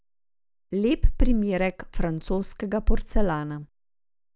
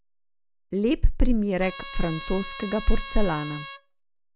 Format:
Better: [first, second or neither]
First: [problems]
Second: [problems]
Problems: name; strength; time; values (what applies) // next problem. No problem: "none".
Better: first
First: none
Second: background sound (Trumpet); 15 dB below the speech